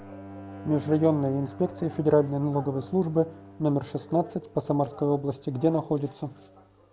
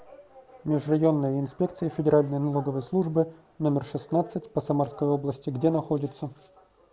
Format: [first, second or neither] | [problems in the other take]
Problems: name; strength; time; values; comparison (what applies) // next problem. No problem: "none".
second | background sound (Bowed string instrument); 18 dB below the speech